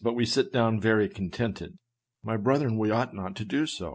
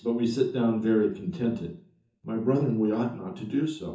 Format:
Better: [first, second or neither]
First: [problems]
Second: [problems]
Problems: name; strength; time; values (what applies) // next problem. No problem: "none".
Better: first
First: none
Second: room echo; dies away in 0.6 s